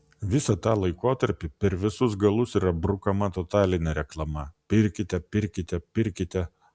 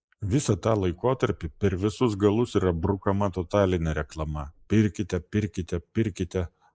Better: first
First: none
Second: noise reduction (neural mask model Resemble Enhance denoiser)

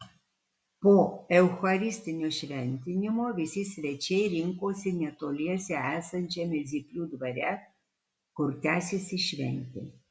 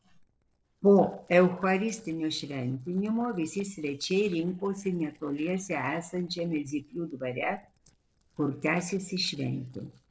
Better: first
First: none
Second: noise reduction (neural separator model SepFormer DNS4)

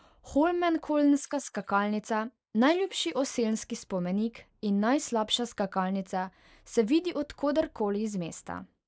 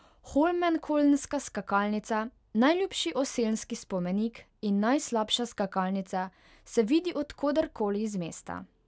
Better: second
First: noise reduction (neural mask model Resemble Enhance denoiser)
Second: none

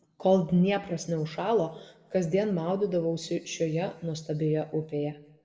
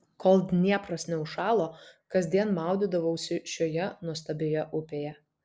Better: second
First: room echo; dies away in 1.1 s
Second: none

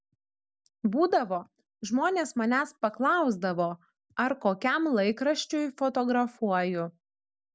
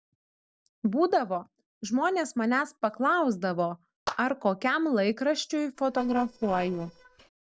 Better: first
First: none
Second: noise reduction (neural separator model SepFormer DNS4)

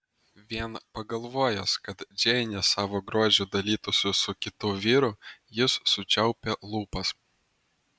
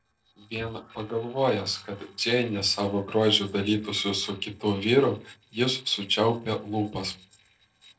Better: first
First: none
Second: noise reduction (neural separator model SepFormer DNS4)

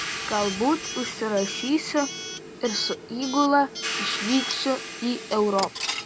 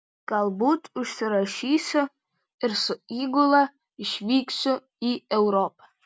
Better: second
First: background sound (Coin (dropping) / Alarm + Hi-hat); 7 dB below the speech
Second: none

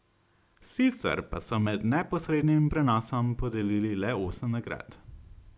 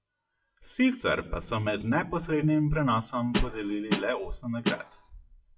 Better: first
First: none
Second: noise reduction (classical method WPE with log-MMSE)

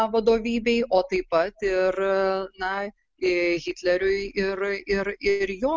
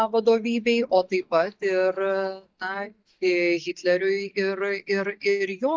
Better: first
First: none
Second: noise reduction (neural mask model DeepFilterNet 3)

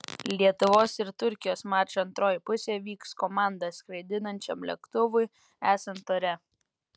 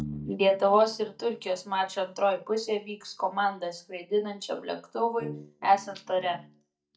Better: first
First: none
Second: noise reduction (neural mask model DeepFilterNet 3)

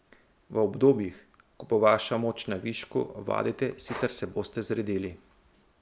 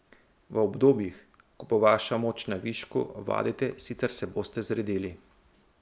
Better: second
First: background sound (Breathing); 19 dB below the speech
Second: none

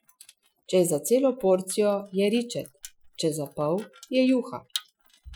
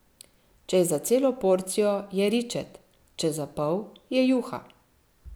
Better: second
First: noise reduction (classical method Wiener filter)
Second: none

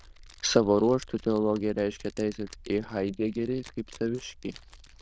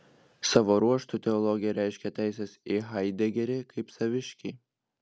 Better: second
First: noise reduction (neural diffusion model UNIVERSE++)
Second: none

